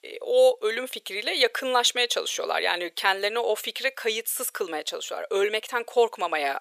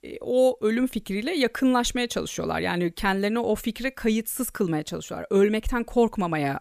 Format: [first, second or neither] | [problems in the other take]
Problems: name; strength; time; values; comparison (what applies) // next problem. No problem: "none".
second | thin; very; fading below 500 Hz